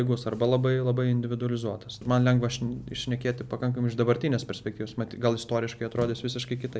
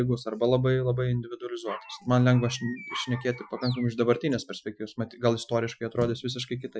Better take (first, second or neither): first